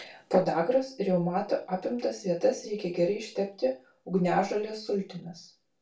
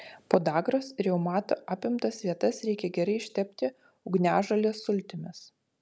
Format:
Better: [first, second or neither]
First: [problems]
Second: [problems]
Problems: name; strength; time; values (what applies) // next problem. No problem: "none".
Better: second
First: room echo; dies away in 0.2 s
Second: none